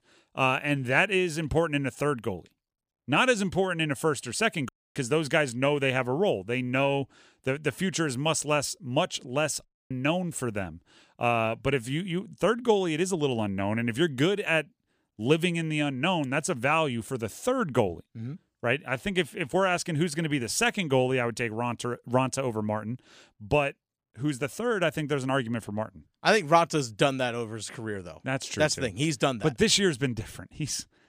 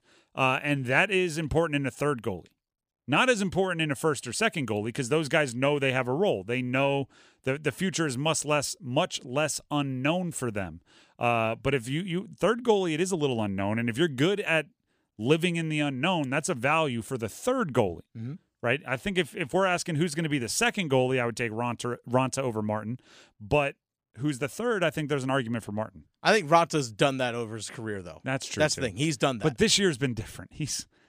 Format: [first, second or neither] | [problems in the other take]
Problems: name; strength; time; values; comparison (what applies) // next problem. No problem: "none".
second | audio cutting out; at 4.5 s and at 9.5 s